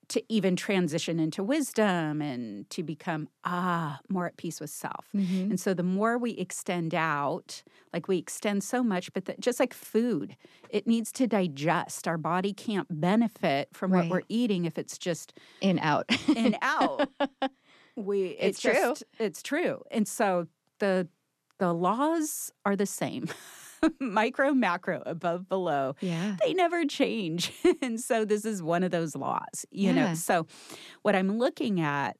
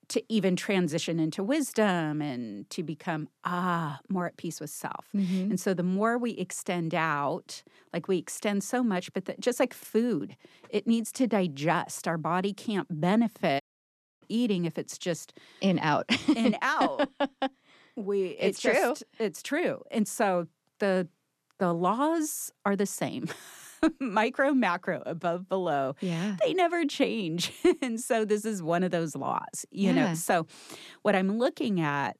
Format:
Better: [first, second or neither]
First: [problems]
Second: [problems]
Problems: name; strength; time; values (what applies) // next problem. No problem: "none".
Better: first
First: none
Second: audio cutting out; at 14 s for 0.5 s